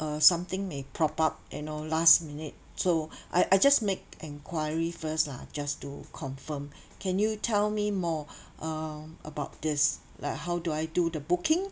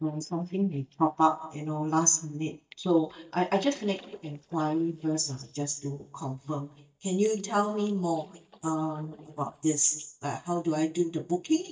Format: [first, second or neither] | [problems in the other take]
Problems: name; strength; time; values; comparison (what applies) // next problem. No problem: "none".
first | noise reduction (neural mask model DeepFilterNet 3)